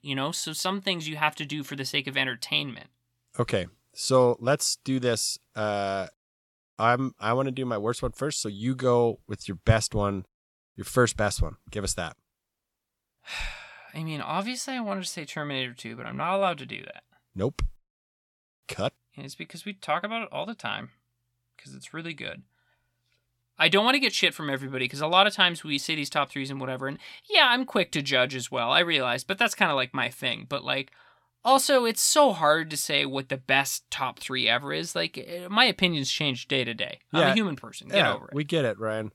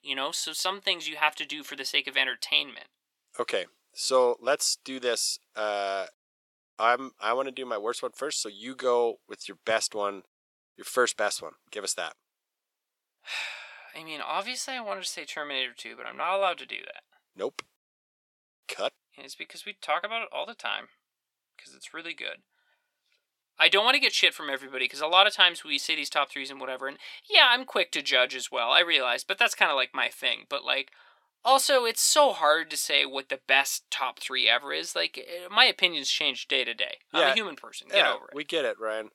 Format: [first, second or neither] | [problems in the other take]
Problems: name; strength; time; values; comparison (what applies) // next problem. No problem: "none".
first | thin; somewhat; fading below 400 Hz